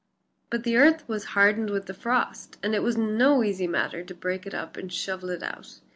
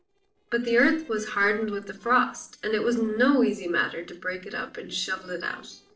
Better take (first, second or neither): first